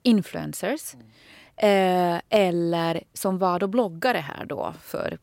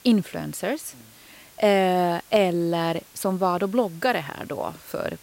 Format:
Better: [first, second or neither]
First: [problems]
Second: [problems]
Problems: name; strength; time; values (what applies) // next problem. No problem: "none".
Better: first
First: none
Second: hiss; faint; throughout; 25 dB below the speech